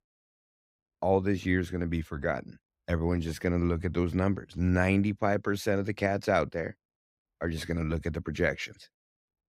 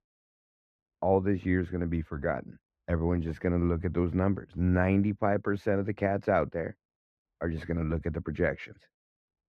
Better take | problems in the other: first | muffled; very; fading above 3 kHz

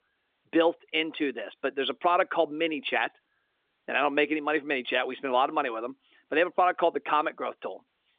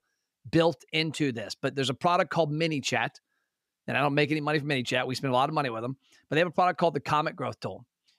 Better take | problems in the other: second | phone-call audio

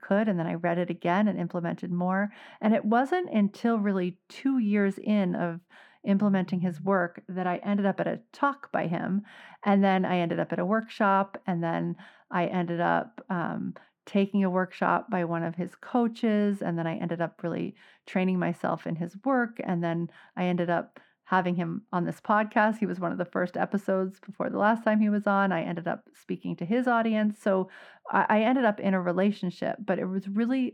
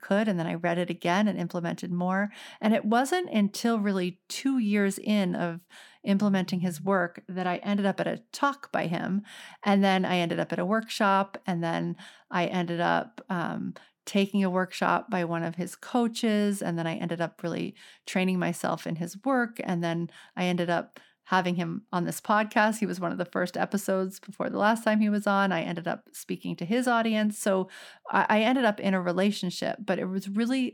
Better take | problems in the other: second | muffled; slightly; fading above 3.5 kHz

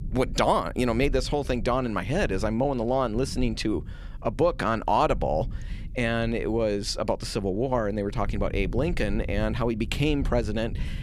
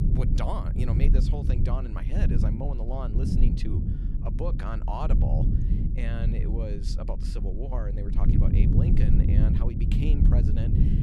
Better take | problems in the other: first | low rumble; loud; throughout; as loud as the speech; faint in the first

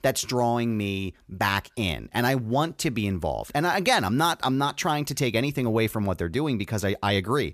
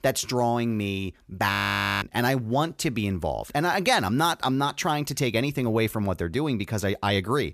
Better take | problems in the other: first | audio freezing; at 1.5 s

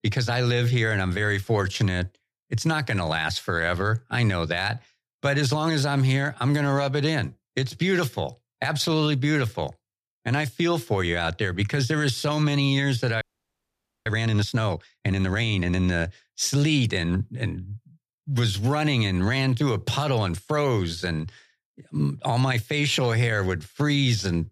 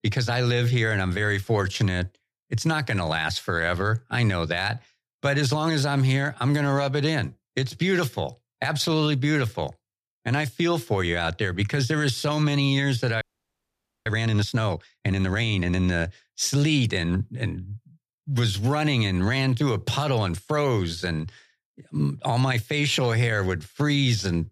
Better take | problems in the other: neither | audio freezing; at 13 s for 1 s; the same in both

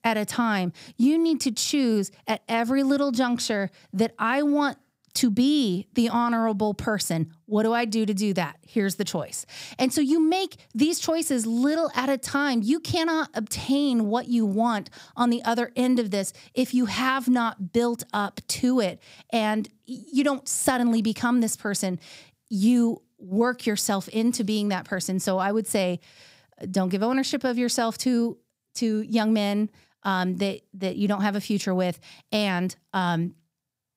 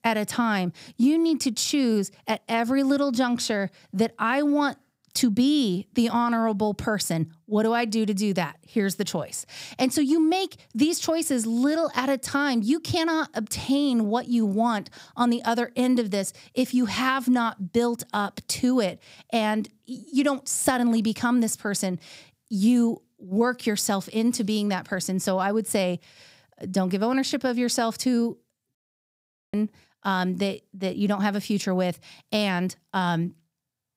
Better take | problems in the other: first | audio cutting out; at 29 s for 1 s

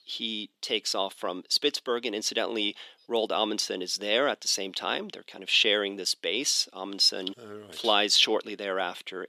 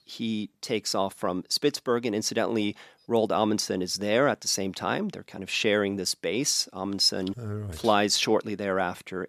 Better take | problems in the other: second | thin; very slightly; fading below 350 Hz

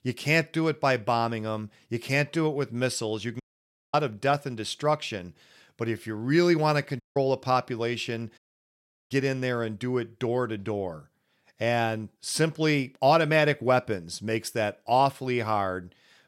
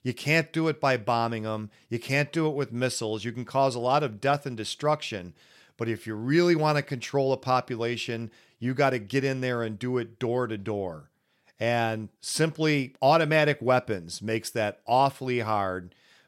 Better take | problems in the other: second | audio cutting out; at 3.5 s for 0.5 s, at 7 s and at 8.5 s for 0.5 s

